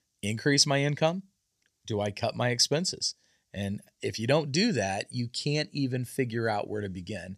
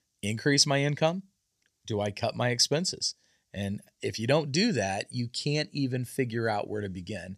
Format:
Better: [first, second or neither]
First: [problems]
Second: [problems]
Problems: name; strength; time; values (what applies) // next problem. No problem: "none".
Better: neither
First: none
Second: none